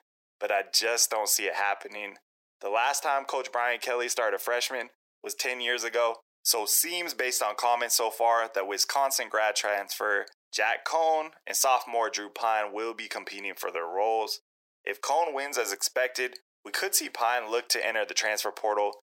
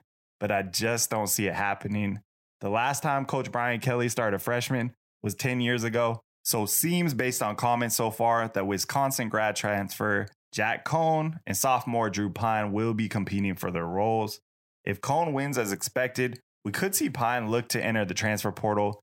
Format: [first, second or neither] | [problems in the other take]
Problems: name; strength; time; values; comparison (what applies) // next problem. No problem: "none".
second | thin; very; fading below 400 Hz